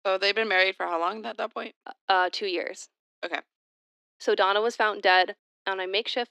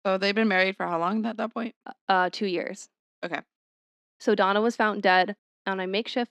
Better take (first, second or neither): second